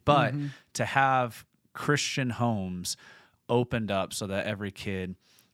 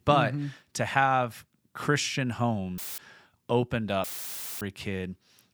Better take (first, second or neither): first